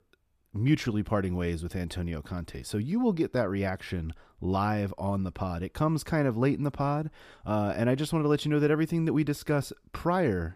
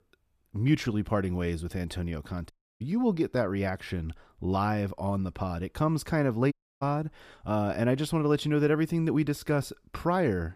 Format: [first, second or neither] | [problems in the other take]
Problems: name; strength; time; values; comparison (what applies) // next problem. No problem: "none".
first | audio cutting out; at 2.5 s and at 6.5 s